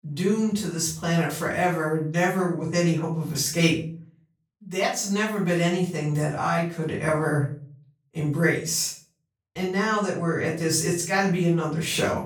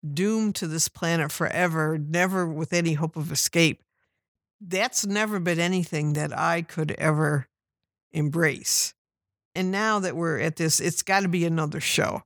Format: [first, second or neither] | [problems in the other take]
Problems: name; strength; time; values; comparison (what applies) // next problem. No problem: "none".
second | off-mic speech; far // room echo; noticeable; dies away in 0.4 s